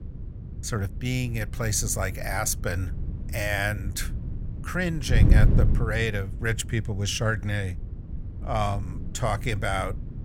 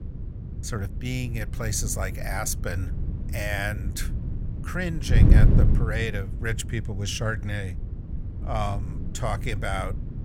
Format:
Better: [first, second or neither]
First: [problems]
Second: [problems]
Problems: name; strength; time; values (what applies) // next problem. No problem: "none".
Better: first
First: wind noise on the microphone; occasional gusts; 15 dB below the speech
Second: wind noise on the microphone; heavy; 9 dB below the speech